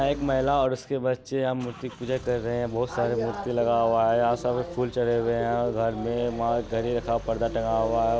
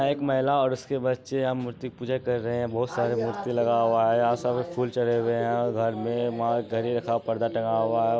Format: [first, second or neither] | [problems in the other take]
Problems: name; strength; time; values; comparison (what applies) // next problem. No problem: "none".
second | background sound (Idling / Engine starting / Accelerating, revving, vroom / Car); 18 dB below the speech